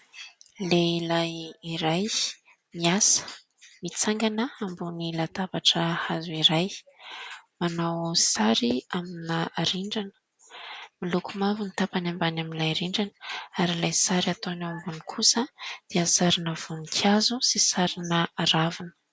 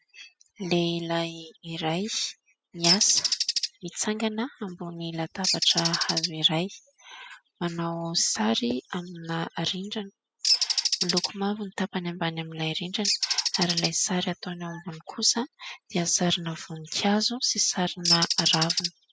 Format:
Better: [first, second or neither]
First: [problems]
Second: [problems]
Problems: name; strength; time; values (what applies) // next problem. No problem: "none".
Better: first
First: none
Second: noise reduction (classical method spectral subtraction)